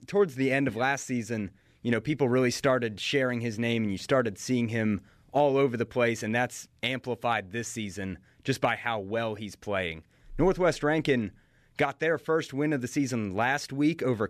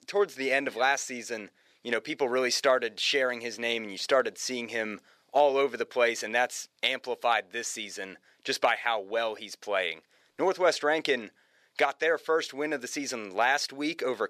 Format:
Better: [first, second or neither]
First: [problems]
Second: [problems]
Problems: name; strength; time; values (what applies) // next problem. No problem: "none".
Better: first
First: none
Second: thin; somewhat; fading below 550 Hz